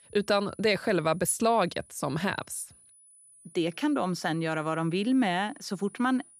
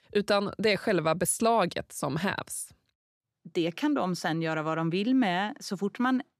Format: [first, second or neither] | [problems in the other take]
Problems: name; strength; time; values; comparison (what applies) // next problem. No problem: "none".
second | high-pitched whine; faint; throughout; 10 kHz, 25 dB below the speech